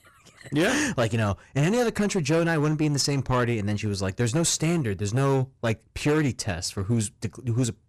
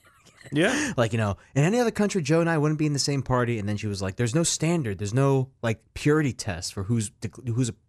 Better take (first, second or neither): second